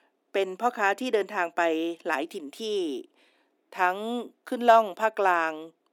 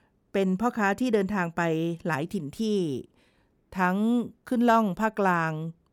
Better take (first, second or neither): second